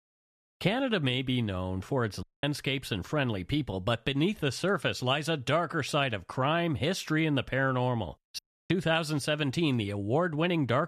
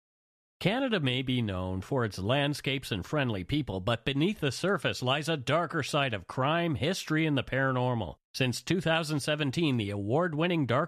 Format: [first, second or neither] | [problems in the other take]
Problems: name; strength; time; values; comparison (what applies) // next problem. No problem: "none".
second | audio cutting out; at 2 s and at 8.5 s